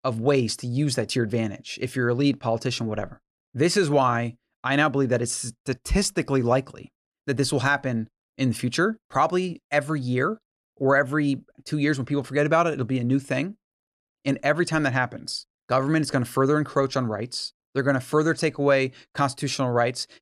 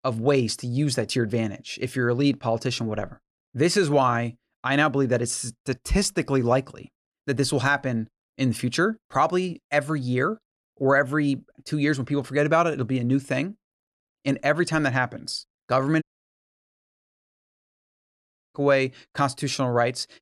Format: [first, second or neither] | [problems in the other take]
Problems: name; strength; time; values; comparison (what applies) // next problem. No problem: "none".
first | audio cutting out; at 16 s for 2.5 s